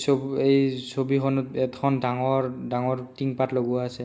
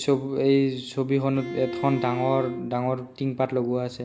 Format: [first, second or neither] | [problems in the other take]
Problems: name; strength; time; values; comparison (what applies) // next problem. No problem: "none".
first | background sound (Bowed string instrument); 9 dB below the speech